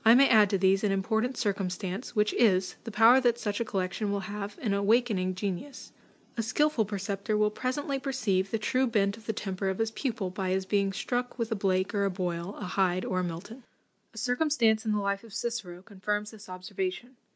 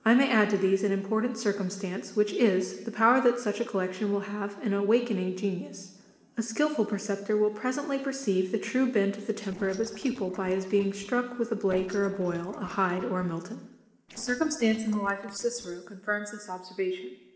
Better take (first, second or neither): first